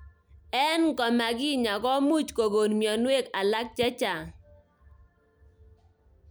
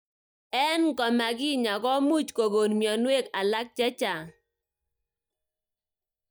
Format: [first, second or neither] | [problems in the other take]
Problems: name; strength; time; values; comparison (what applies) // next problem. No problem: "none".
first | noise reduction (neural mask model DeepFilterNet 3)